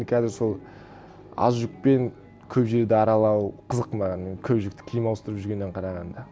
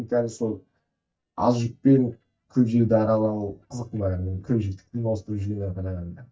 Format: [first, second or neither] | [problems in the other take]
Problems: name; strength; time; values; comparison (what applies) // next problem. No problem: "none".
first | noise reduction (neural mask model DeepFilterNet 3)